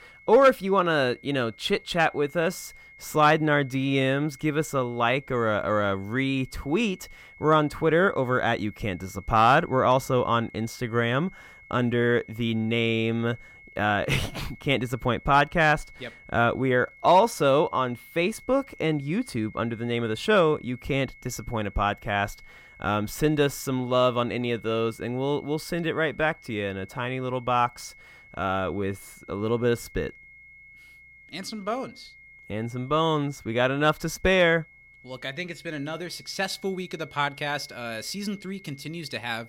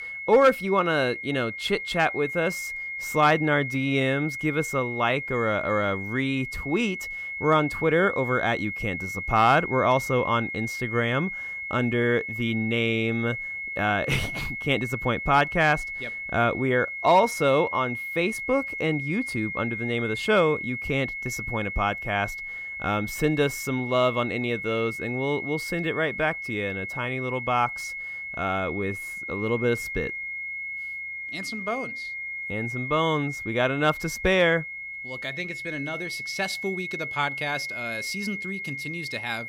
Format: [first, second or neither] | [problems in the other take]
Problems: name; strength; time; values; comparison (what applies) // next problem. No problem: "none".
first | high-pitched whine; loud; throughout; 2 kHz, 6 dB below the speech; faint in the first